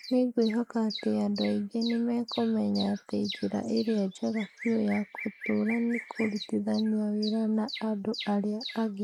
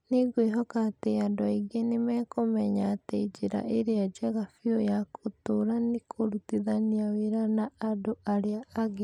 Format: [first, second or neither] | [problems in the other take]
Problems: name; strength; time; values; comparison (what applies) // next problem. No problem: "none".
second | noise reduction (neural mask model Resemble Enhance denoiser)